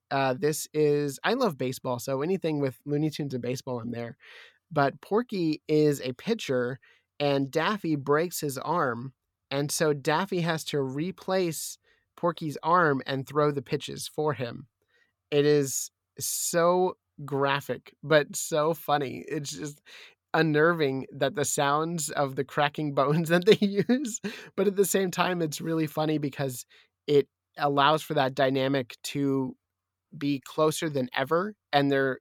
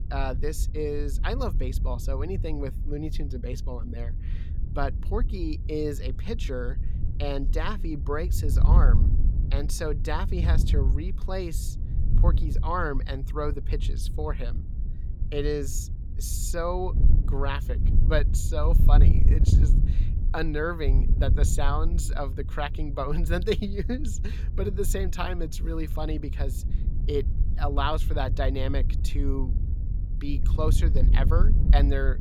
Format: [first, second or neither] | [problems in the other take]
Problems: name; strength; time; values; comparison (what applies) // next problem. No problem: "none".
first | wind noise on the microphone; occasional gusts; 10 dB below the speech